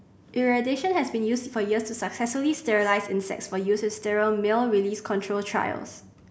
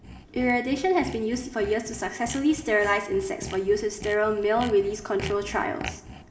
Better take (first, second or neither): first